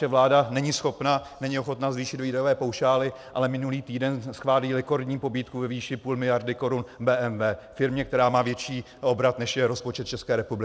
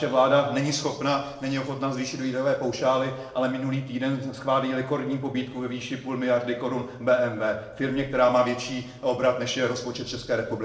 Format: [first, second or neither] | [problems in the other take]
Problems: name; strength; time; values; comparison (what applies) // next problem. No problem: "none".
first | room echo; dies away in 0.8 s